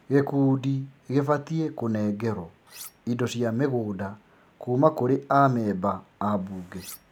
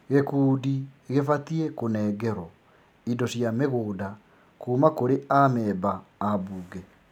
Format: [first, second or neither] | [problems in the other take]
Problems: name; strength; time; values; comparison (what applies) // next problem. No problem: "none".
second | background sound (Cutlery, silverware); 19 dB below the speech